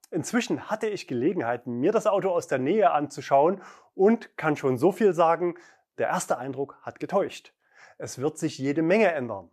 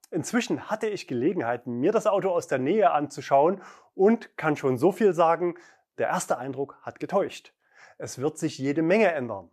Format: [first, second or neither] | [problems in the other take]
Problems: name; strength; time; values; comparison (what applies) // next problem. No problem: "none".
neither | none